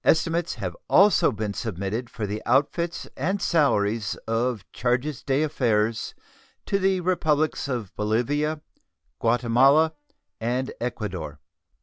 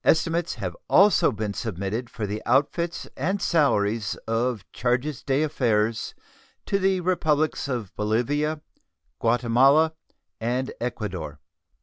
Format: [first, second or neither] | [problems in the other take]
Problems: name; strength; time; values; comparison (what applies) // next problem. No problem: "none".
second | background sound (Brass instrument); 19 dB below the speech